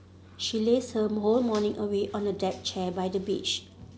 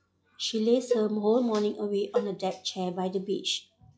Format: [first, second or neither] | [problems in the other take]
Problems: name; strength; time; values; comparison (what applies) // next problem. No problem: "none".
first | noise reduction (classical method log-MMSE)